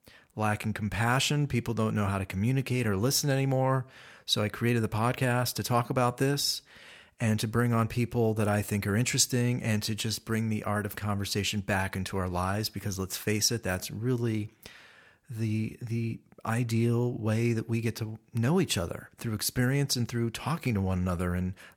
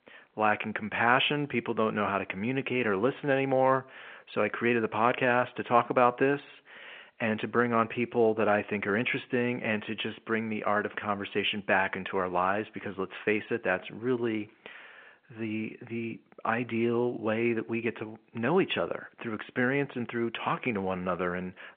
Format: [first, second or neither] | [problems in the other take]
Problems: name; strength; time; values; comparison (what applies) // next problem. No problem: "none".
first | phone-call audio; nothing above 3.5 kHz